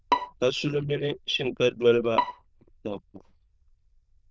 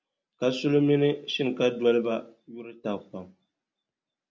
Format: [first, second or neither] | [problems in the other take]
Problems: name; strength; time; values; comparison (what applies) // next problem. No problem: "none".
second | noise reduction (neural diffusion model UNIVERSE++)